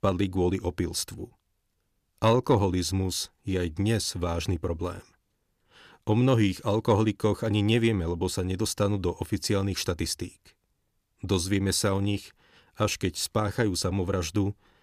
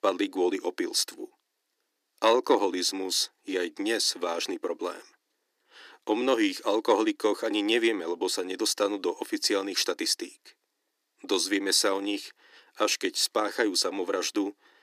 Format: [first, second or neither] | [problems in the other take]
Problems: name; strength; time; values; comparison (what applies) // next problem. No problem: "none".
first | thin; somewhat; fading below 300 Hz